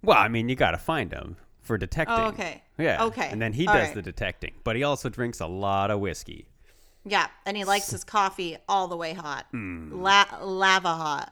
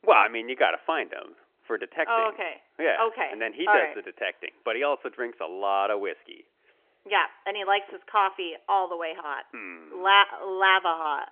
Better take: first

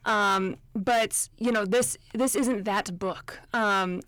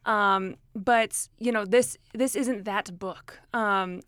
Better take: second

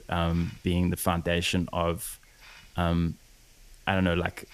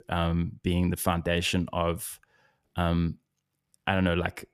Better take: second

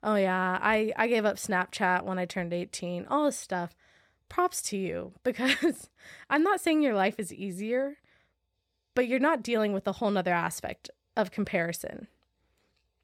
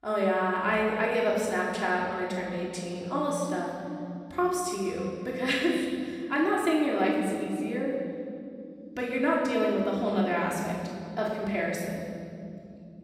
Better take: first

